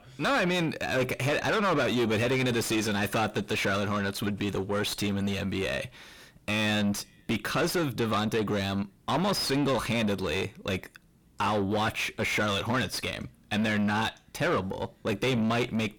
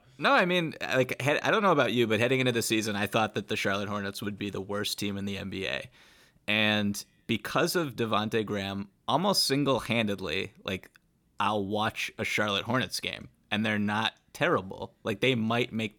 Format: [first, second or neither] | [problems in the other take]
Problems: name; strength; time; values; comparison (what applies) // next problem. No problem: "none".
second | distortion; heavy; 6 dB below the speech